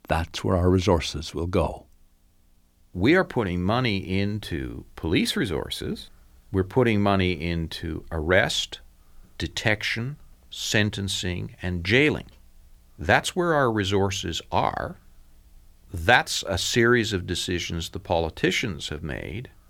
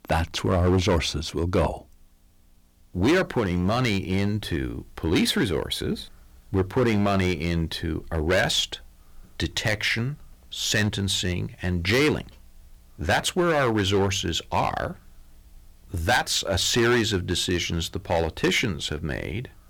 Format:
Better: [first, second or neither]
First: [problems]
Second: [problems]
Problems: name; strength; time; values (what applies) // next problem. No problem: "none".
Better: first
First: none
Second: distortion; heavy; 5% of the sound clipped